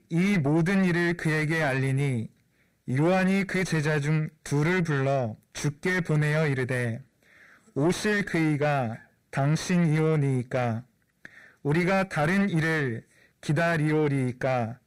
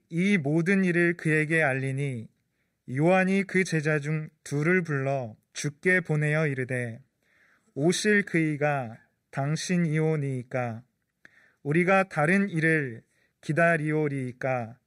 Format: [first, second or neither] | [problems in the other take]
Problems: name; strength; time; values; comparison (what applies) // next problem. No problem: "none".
second | distortion; heavy; 6 dB below the speech